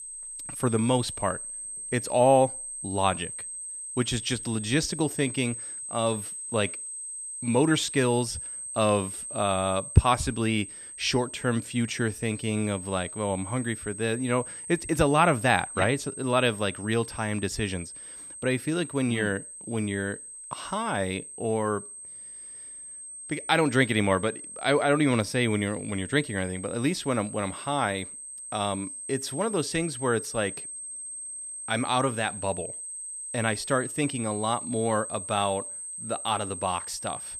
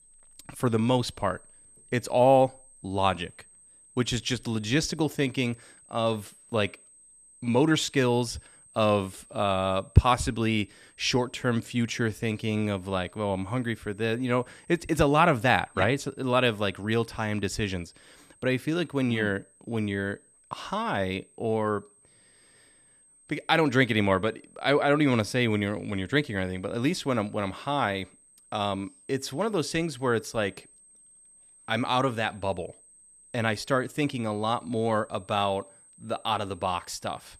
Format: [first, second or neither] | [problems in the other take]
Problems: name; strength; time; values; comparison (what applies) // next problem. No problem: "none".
second | high-pitched whine; loud; throughout; 8.5 kHz, 9 dB below the speech; faint in the second